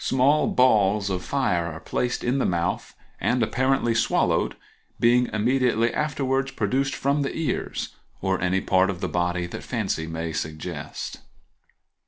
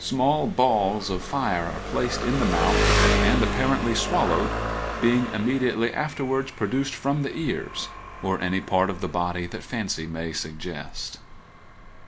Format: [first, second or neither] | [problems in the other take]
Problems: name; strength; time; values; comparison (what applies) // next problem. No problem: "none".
first | background sound (Engine); 3 dB below the speech